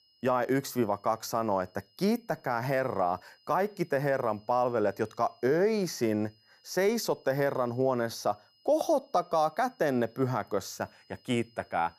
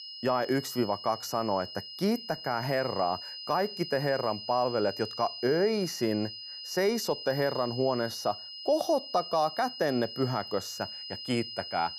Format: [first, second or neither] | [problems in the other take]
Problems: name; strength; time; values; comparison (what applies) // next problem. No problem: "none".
first | high-pitched whine; loud; throughout; 5 kHz, 9 dB below the speech; faint in the first